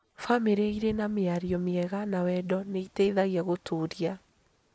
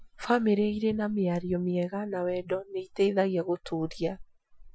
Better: first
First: none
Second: noise reduction (classical method Wiener filter)

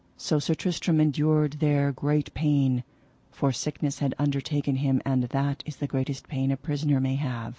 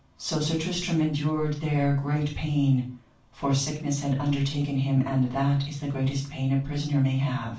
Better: first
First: none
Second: room echo; dies away in 0.3 s

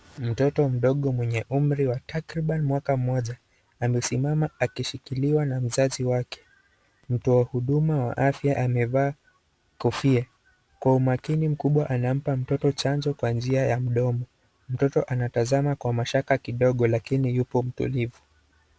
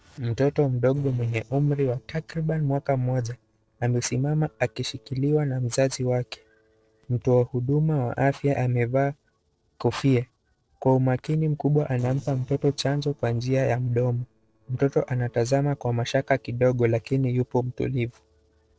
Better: first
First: none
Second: noise reduction (neural separator model SepFormer DNS4)

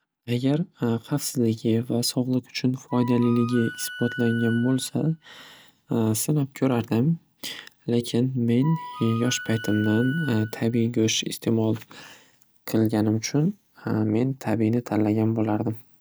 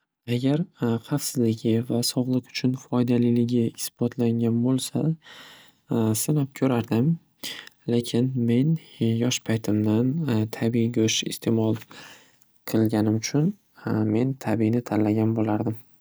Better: second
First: background sound (Wind instrument, woodwind instrument); 13 dB below the speech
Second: none

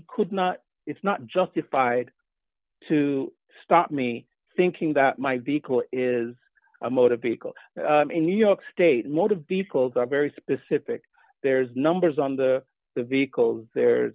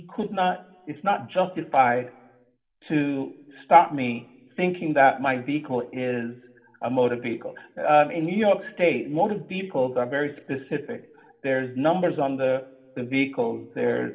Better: first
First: none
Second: room echo; dies away in 0.8 s

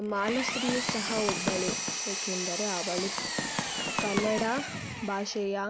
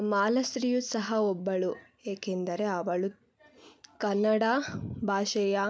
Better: second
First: background sound (Run + Engine); 1 dB below the speech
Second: none

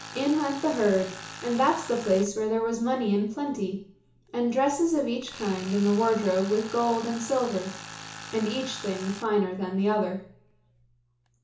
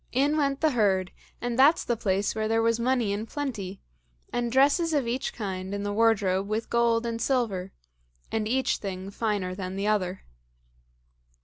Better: second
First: background sound (Tools); 16 dB below the speech // room echo; dies away in 0.8 s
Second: none

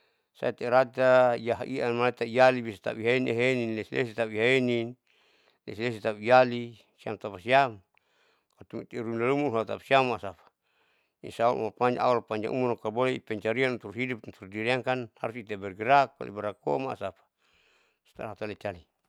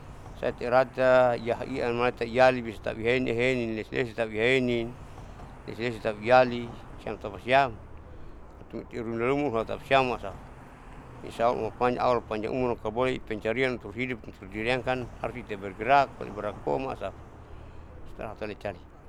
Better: first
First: none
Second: background sound (Traffic noise, roadway noise); 16 dB below the speech

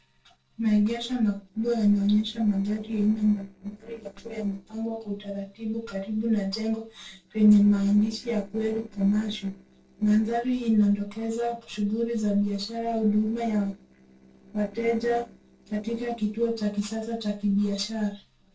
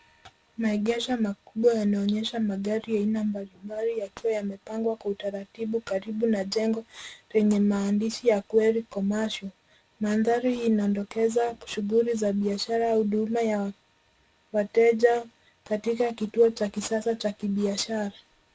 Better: second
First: noise reduction (neural separator model SepFormer DNS4)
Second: none

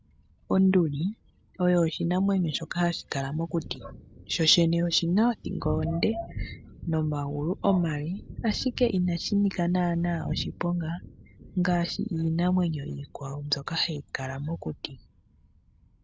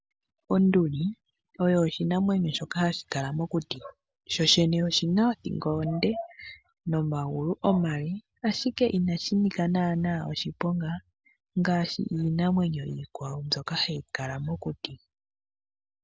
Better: second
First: background sound (Thunder); 15 dB below the speech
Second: none

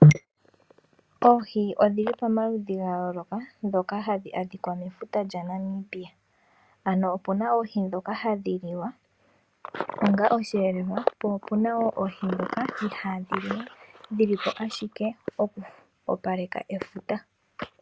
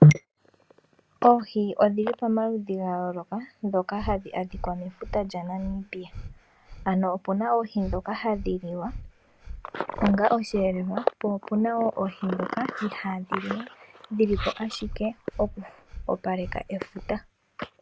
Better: first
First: none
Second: background sound (Breathing); 13 dB below the speech

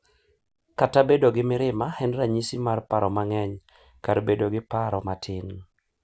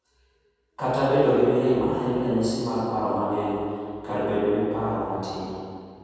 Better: first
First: none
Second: room echo; dies away in 2.1 s

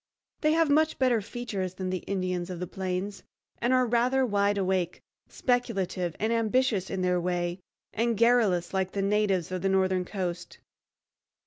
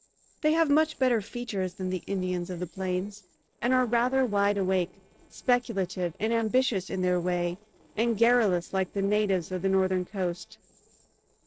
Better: first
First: none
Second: noise reduction (neural separator model SepFormer DNS4)

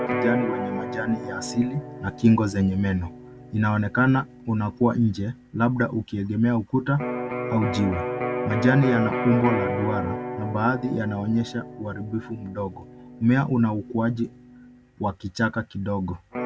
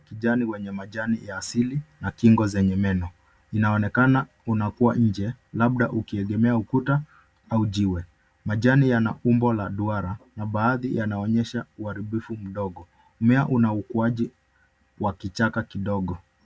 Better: second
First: background sound (Electric guitar); 7 dB below the speech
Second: none

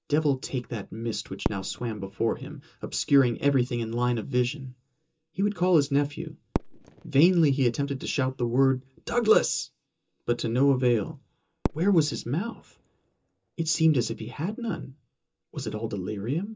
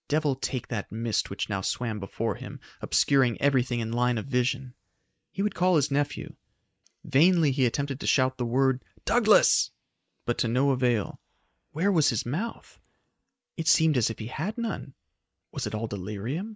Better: second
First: background sound (Fireworks); 15 dB below the speech // room echo; dies away in 0.2 s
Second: none

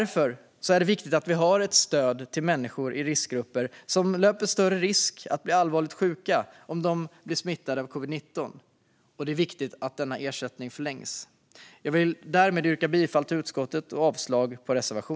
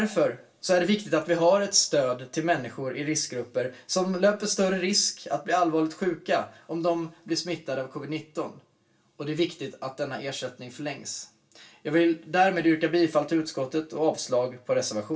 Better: first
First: none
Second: room echo; dies away in 0.2 s

